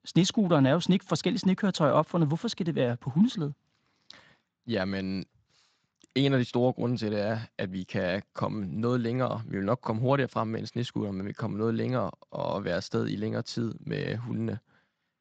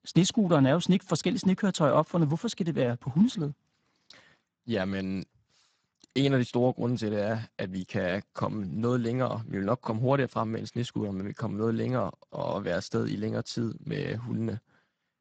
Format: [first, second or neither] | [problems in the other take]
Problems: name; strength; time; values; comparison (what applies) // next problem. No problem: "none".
first | garbled, watery; badly; nothing above 7.5 kHz; slightly in the first